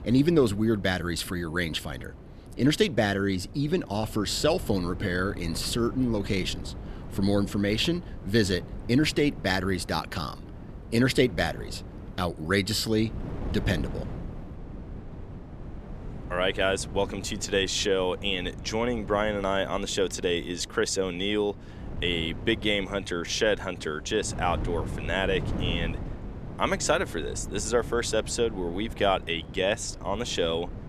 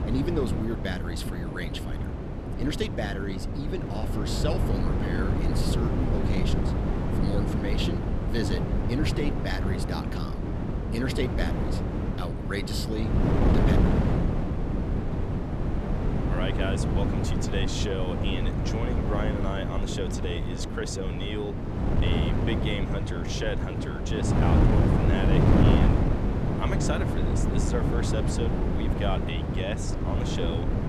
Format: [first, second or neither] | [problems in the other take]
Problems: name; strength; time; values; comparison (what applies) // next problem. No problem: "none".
first | wind noise on the microphone; heavy; 1 dB above the speech; occasional gusts in the first